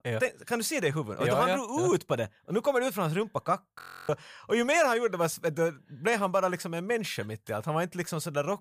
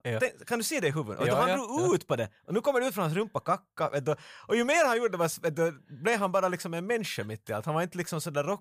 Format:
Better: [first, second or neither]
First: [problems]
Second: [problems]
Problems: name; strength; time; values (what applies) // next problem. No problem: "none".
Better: second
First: audio freezing; at 4 s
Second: none